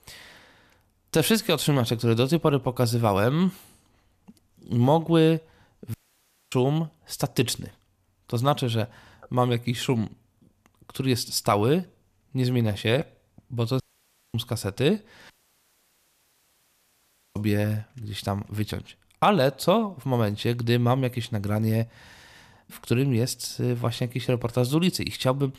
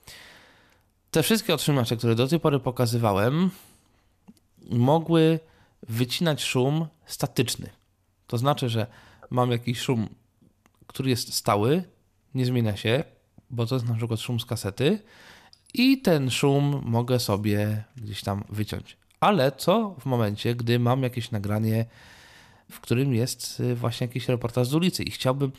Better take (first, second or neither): second